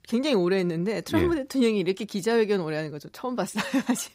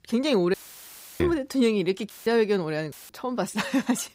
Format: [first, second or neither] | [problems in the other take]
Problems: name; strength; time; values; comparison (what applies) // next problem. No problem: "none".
first | audio cutting out; filled with static; at 0.5 s for 0.5 s, at 2 s and at 3 s